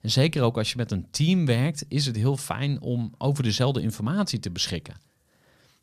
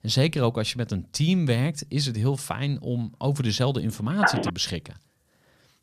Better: first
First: none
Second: phone ringing; loud; at 4 s; peak 2 dB above the speech

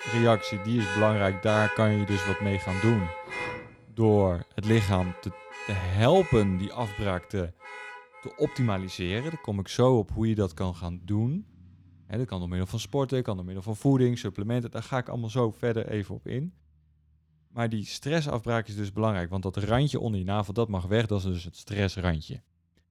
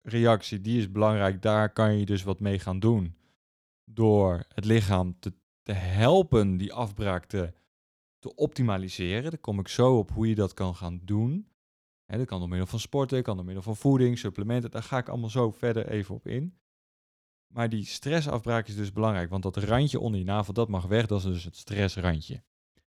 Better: second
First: traffic noise; loud; throughout; 9 dB below the speech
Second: none

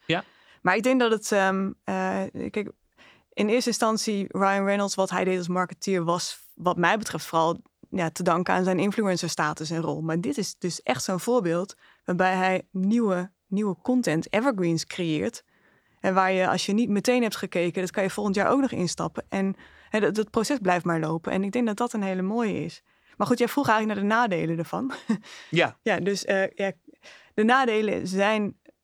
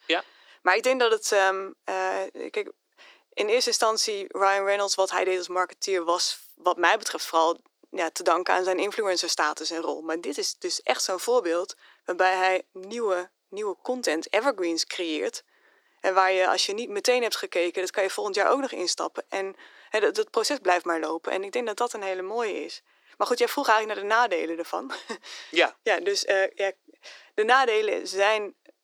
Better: first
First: none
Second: thin; very; fading below 350 Hz

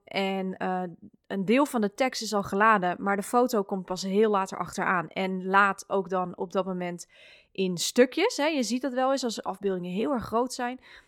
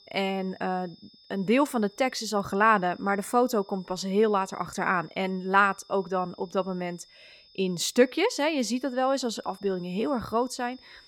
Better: first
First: none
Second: high-pitched whine; faint; throughout; 5 kHz, 25 dB below the speech

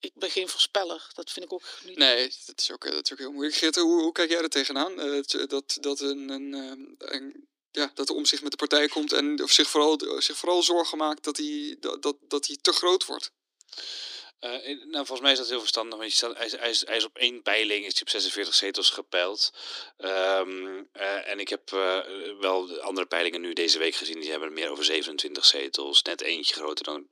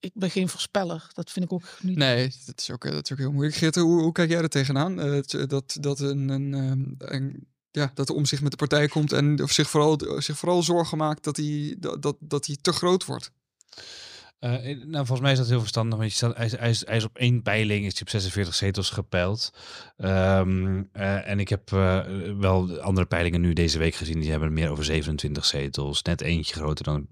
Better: second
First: thin; somewhat; fading below 300 Hz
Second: none

